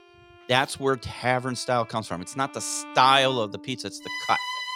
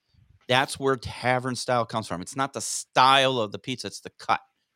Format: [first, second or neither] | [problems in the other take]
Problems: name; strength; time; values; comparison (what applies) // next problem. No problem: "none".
second | background music; noticeable; throughout; 10 dB below the speech